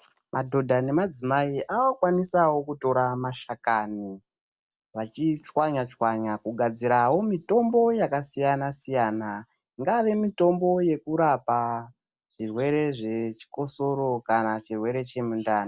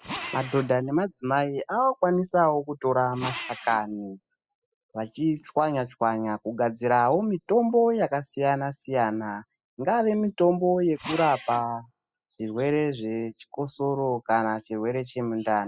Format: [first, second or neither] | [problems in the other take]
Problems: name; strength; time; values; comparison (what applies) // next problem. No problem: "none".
first | noise reduction (classical method spectral subtraction)